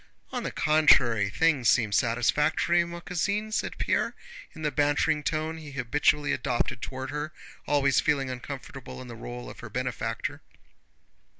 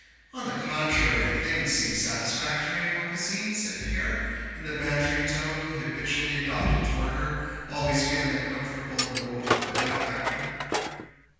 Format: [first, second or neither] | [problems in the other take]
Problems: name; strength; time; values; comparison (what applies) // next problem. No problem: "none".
first | background sound (Tools); 2 dB below the speech // room echo; dies away in 2.1 s